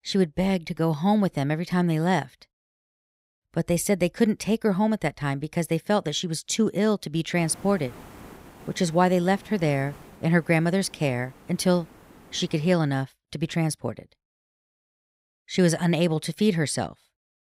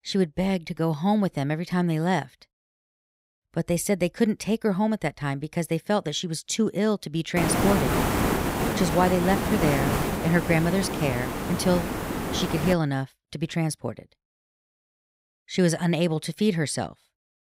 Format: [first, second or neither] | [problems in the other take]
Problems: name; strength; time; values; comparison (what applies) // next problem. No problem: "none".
first | hiss; loud; from 7.5 to 13 s; 1 dB below the speech; faint in the first